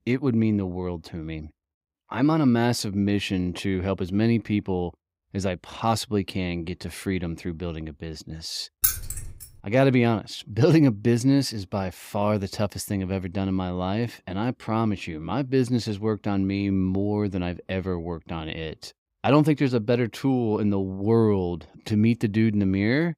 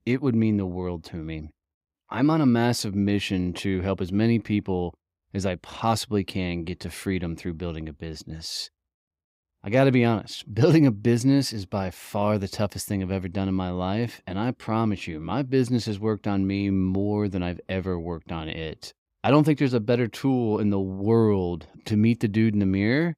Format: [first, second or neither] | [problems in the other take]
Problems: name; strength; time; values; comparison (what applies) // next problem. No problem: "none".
second | jangling keys; loud; at 9 s; peak 2 dB above the speech